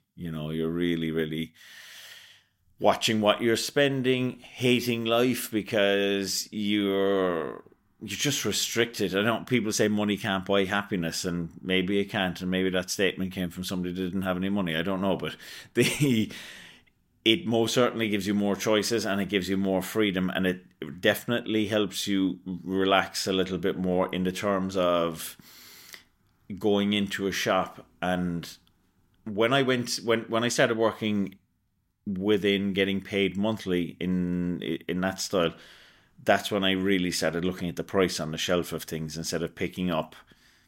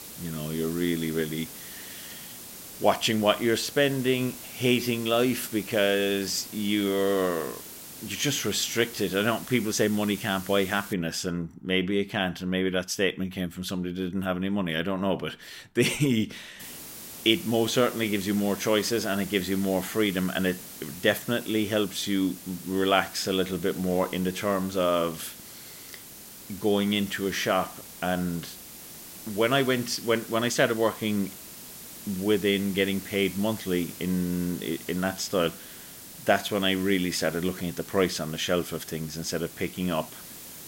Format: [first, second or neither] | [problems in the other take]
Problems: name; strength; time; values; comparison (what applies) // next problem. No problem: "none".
first | hiss; noticeable; until 11 s and from 17 s on; 15 dB below the speech